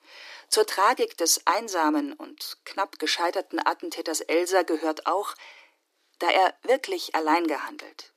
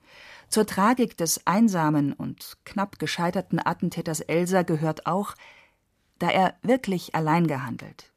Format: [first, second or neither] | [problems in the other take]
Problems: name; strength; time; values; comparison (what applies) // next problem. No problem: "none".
second | thin; very; fading below 300 Hz